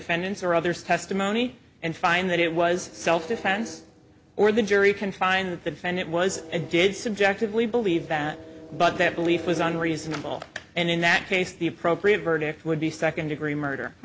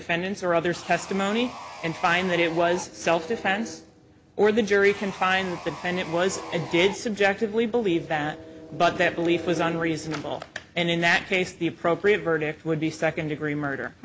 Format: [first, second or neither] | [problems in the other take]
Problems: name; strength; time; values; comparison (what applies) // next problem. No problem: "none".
first | background sound (Sawing); 14 dB below the speech